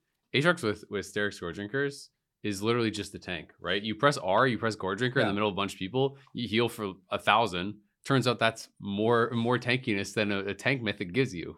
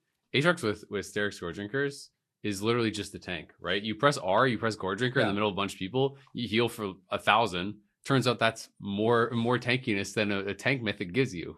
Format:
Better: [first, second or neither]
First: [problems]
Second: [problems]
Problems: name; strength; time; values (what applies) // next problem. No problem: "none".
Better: first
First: none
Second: garbled, watery; slightly; nothing above 12 kHz